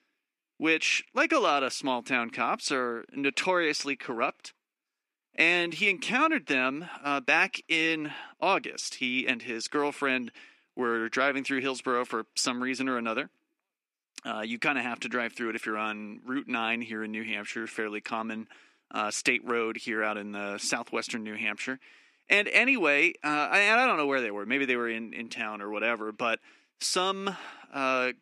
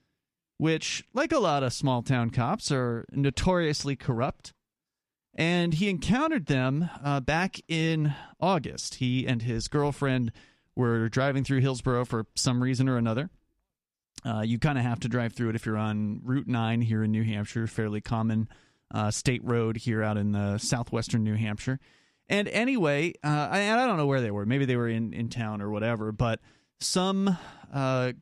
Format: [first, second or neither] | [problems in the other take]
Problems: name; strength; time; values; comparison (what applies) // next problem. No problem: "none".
second | thin; somewhat; fading below 300 Hz